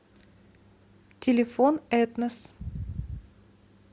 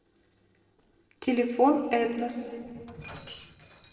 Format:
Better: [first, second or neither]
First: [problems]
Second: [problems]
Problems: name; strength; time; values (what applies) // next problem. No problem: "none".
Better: first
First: none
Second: noise reduction (neural separator model SepFormer DNS4)